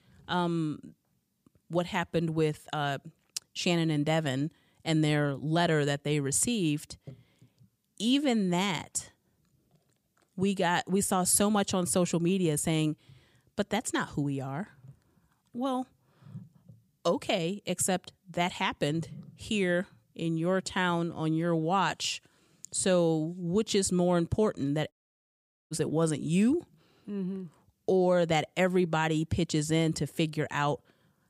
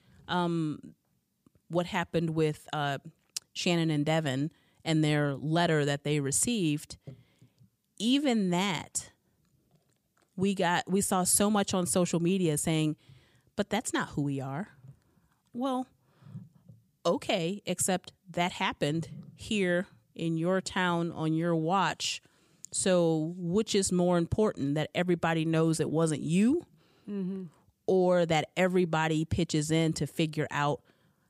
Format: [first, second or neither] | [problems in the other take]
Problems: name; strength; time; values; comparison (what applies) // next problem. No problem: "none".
second | audio cutting out; at 25 s for 1 s